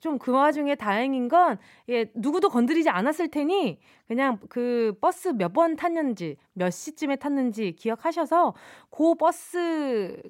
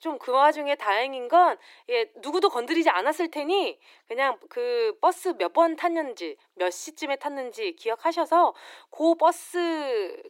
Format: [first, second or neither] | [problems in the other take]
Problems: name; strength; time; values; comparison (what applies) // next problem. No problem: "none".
first | thin; very; fading below 350 Hz